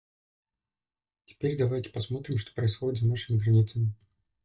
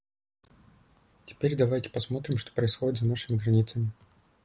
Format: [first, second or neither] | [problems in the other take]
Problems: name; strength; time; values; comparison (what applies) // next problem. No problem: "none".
second | noise reduction (neural mask model DeepFilterNet 3)